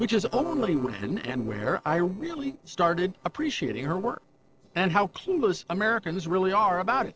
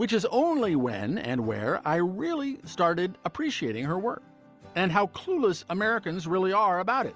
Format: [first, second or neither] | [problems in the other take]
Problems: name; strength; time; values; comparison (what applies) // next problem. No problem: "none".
second | noise reduction (neural separator model SepFormer DNS4)